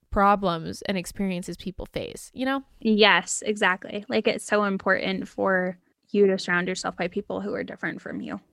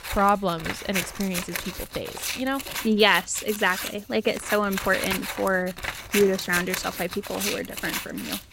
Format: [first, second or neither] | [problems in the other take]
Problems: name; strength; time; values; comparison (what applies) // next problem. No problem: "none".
first | household noises; loud; throughout; 6 dB below the speech